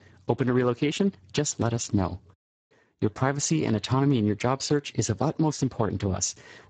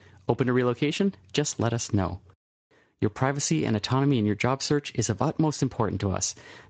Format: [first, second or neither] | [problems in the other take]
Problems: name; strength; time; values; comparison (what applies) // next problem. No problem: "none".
second | garbled, watery; badly; nothing above 7.5 kHz; slightly in the second